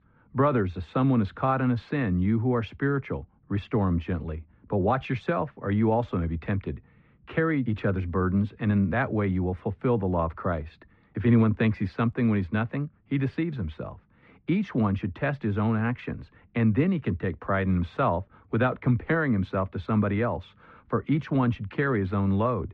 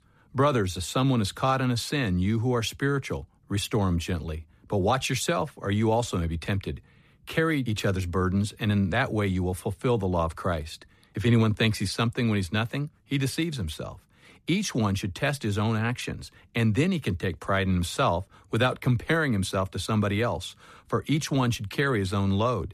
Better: second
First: muffled; very; fading above 2 kHz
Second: none

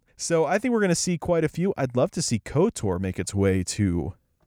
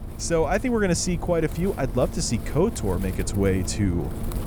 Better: first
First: none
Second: wind noise on the microphone; occasional gusts; 15 dB below the speech

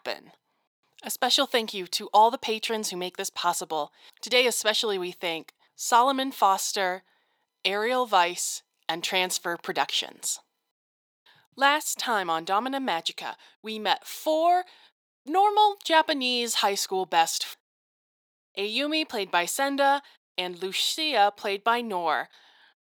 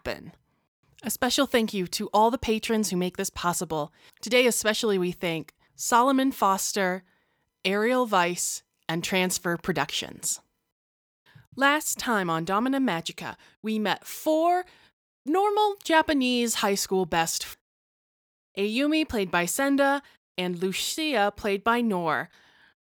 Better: second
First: thin; somewhat; fading below 350 Hz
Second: none

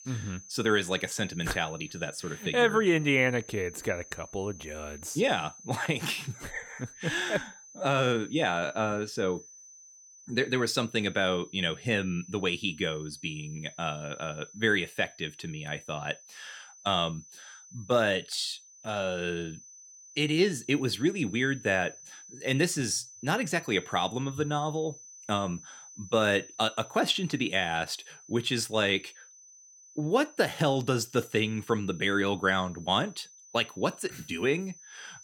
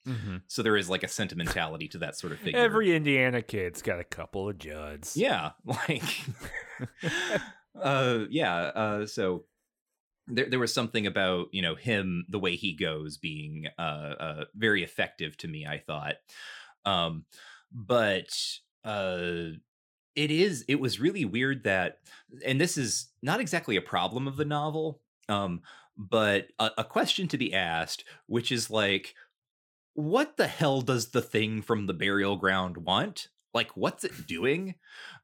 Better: second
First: high-pitched whine; noticeable; throughout; 6 kHz, 20 dB below the speech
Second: none

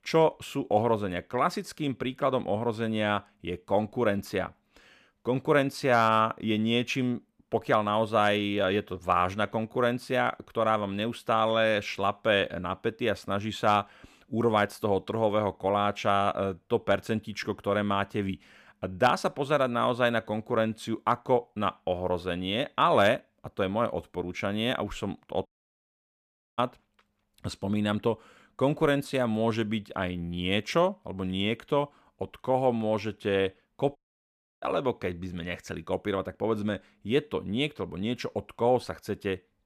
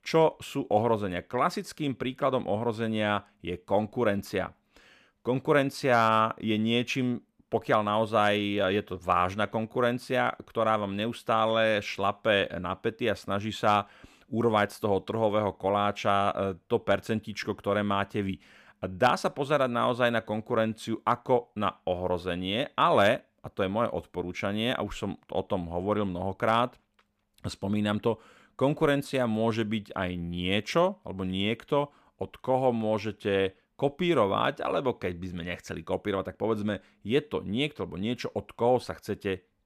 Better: second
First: audio cutting out; at 25 s for 1 s and at 34 s for 0.5 s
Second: none

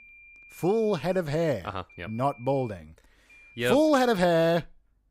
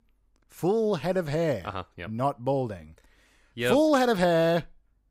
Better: second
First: high-pitched whine; faint; until 1 s, at 2 s and at 3.5 s; 2.5 kHz, 25 dB below the speech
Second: none

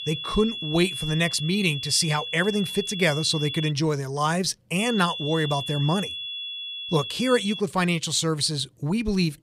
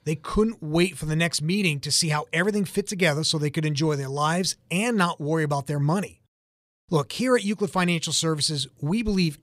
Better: second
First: high-pitched whine; loud; until 3.5 s and from 5 to 7.5 s; 3.5 kHz, 7 dB below the speech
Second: none

